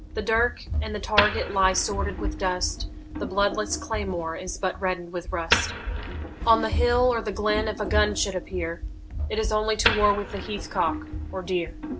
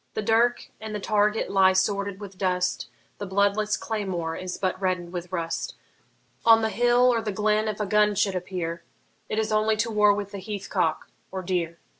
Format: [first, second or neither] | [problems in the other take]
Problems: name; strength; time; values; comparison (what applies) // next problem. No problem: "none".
second | background sound (Run + Wood); 4 dB below the speech